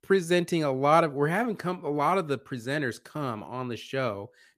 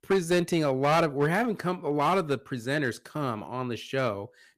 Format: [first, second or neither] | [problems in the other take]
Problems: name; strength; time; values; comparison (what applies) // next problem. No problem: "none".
first | distortion; slight; 5% of the sound clipped